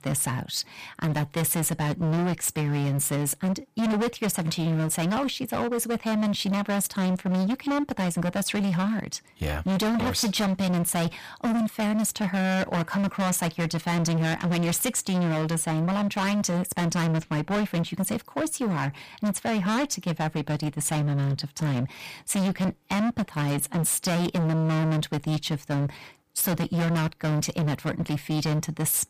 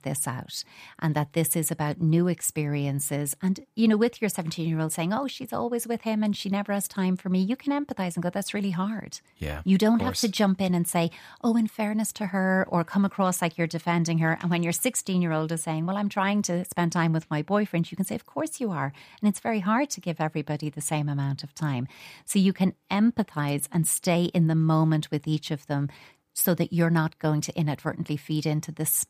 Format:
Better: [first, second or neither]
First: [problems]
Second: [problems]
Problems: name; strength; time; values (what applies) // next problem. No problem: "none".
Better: second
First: distortion; heavy; 31% of the sound clipped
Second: none